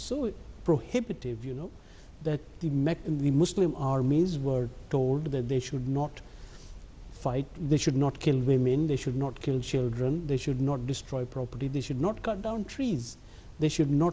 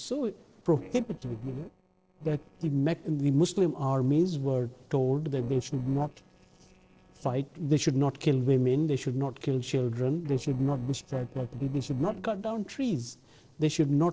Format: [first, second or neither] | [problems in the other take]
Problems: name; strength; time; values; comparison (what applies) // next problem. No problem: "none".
first | noise reduction (neural separator model SepFormer DNS4)